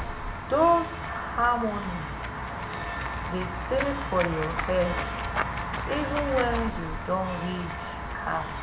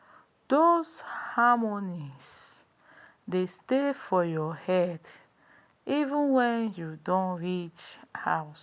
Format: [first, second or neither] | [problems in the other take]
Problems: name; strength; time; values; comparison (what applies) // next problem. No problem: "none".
second | background sound (Walk, footsteps / Run / Bell); 3 dB below the speech // room echo; dies away in 0.9 s